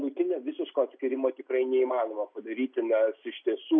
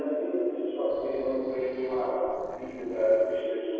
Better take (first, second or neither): first